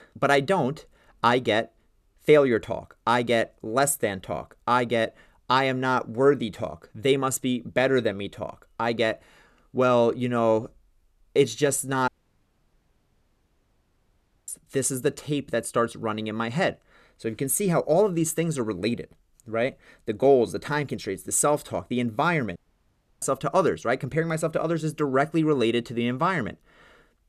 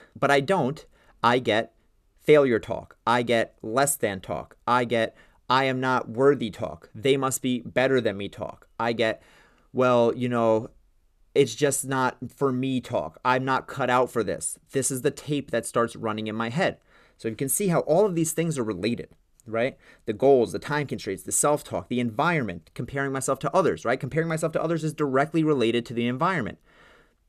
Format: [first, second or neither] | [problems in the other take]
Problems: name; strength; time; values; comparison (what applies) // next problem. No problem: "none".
second | audio cutting out; at 12 s for 2.5 s and at 23 s for 0.5 s